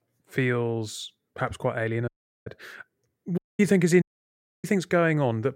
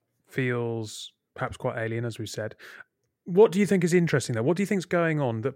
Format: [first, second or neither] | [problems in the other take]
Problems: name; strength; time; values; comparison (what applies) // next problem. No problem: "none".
second | audio cutting out; at 2 s, at 3.5 s and at 4 s for 0.5 s